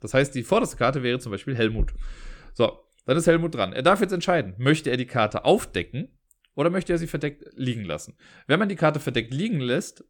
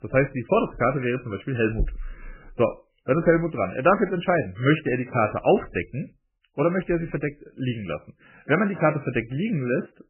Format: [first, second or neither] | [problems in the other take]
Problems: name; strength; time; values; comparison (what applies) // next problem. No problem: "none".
first | garbled, watery; badly; nothing above 3 kHz